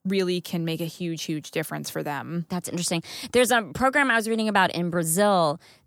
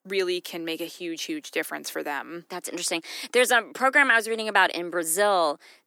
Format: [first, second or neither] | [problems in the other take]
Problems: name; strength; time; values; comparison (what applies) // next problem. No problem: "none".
first | thin; somewhat; fading below 300 Hz